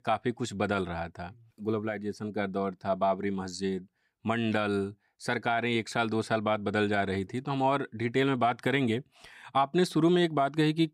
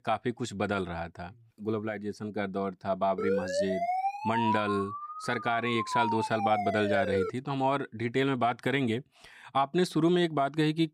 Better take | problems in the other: first | siren; loud; from 3 to 7.5 s; peak 1 dB above the speech

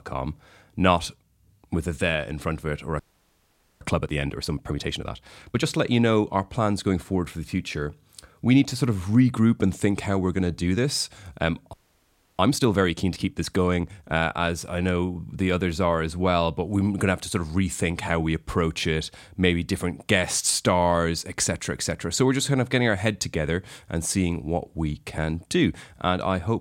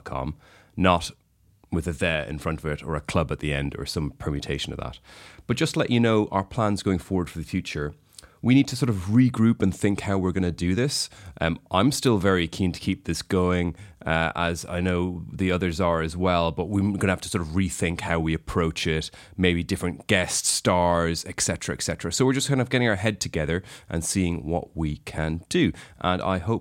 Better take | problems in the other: second | audio freezing; at 3 s for 1 s and at 12 s for 0.5 s

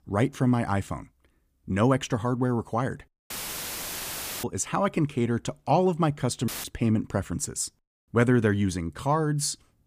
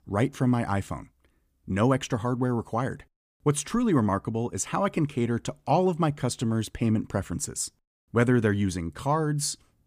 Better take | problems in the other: second | audio cutting out; filled with static; at 3.5 s for 1 s and at 6.5 s

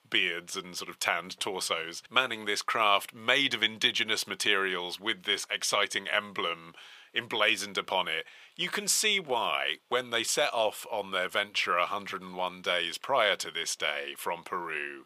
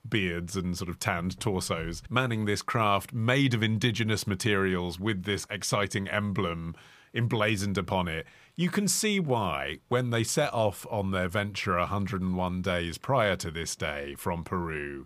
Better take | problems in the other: second | thin; very; fading below 500 Hz

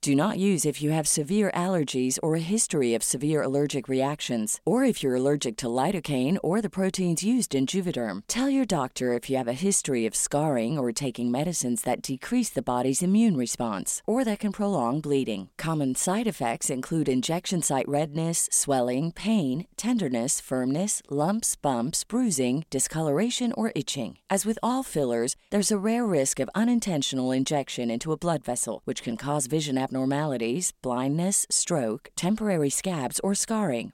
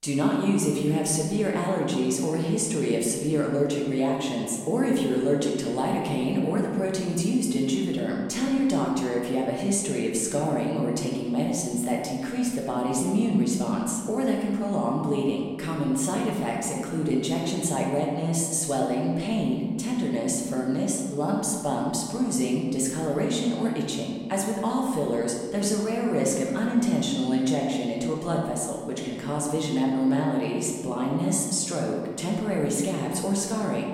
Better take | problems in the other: first | room echo; noticeable; dies away in 1.7 s // off-mic speech; somewhat distant

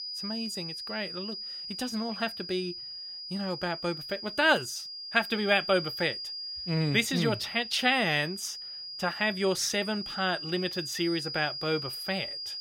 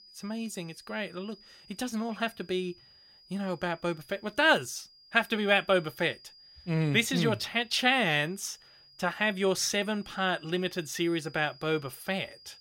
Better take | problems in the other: second | high-pitched whine; loud; throughout; 5 kHz, 7 dB below the speech; faint in the second

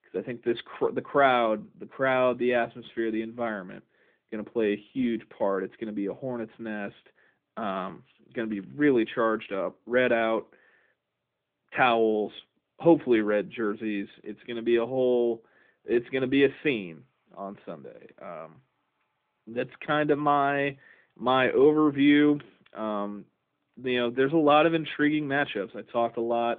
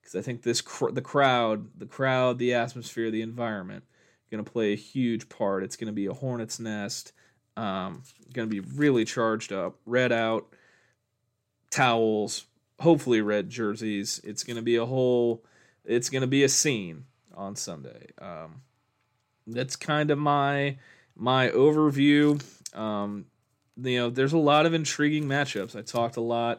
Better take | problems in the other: second | phone-call audio; nothing above 3.5 kHz

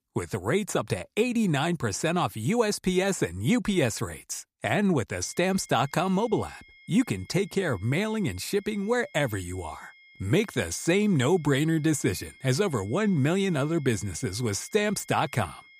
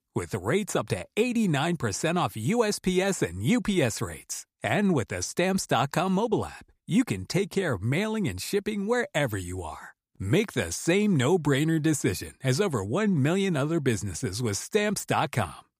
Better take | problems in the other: second | high-pitched whine; faint; from 5 s on; 2 kHz, 25 dB below the speech

